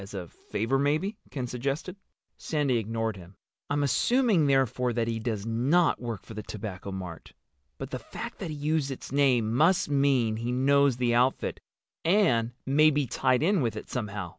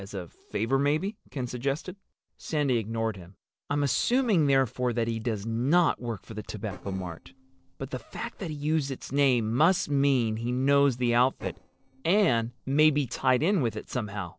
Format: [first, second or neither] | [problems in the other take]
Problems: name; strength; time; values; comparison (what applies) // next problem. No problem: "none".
first | noise reduction (neural separator model SepFormer DNS4)